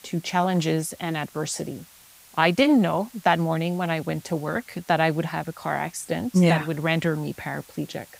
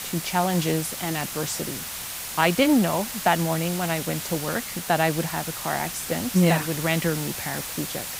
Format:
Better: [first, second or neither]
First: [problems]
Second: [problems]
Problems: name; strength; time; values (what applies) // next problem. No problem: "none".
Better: first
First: hiss; faint; throughout; 25 dB below the speech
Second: hiss; loud; throughout; 6 dB below the speech